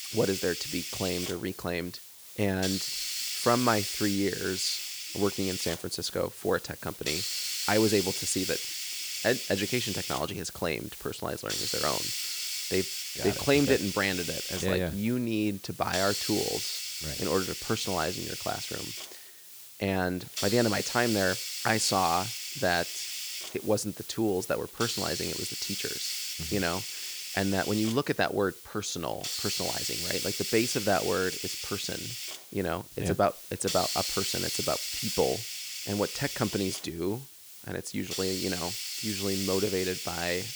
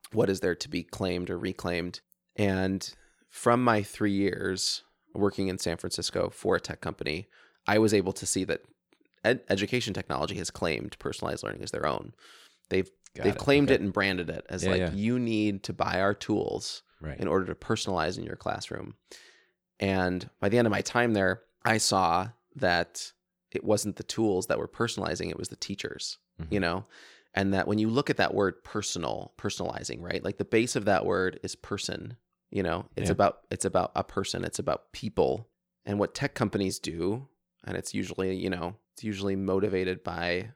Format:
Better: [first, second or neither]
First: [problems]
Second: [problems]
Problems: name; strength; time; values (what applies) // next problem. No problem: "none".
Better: second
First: hiss; loud; throughout; 2 dB below the speech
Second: none